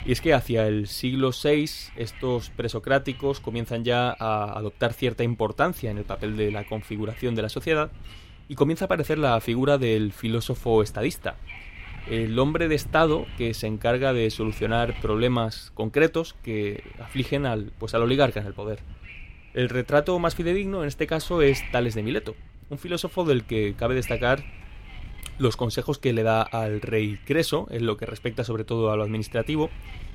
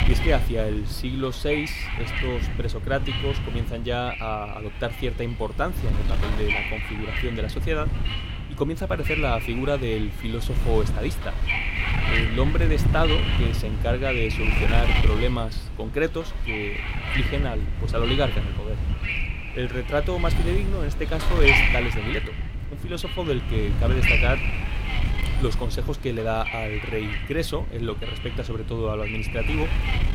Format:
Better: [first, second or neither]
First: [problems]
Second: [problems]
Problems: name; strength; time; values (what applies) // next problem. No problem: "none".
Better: first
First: wind noise on the microphone; occasional gusts; 20 dB below the speech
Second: wind noise on the microphone; heavy; 2 dB above the speech